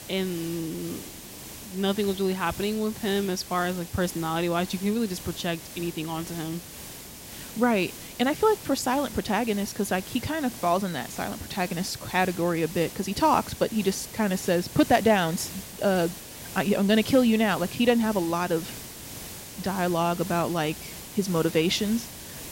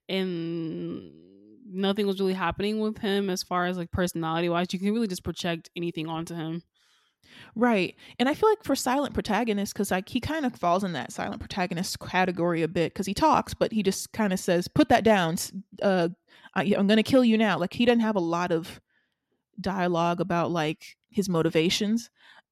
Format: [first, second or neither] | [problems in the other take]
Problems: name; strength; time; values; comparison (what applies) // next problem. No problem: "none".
second | hiss; noticeable; throughout; 10 dB below the speech